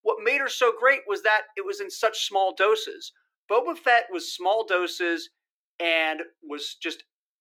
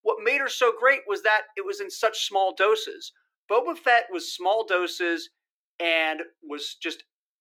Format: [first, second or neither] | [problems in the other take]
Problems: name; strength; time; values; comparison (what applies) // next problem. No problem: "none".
neither | thin; very; fading below 300 Hz; the same in both